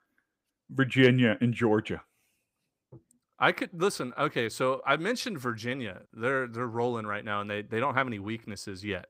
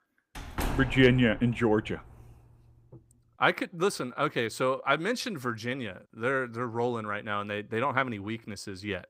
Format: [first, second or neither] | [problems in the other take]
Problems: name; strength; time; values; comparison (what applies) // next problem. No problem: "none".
first | door banging; noticeable; until 2 s; peak 5 dB below the speech